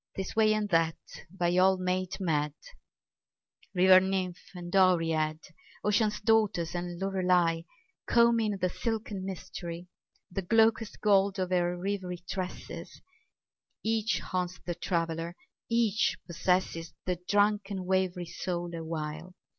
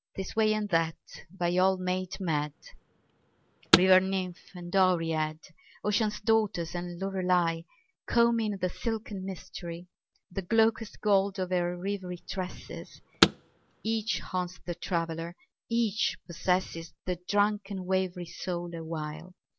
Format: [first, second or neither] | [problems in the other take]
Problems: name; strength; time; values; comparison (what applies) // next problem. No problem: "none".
first | background sound (Car); 3 dB below the speech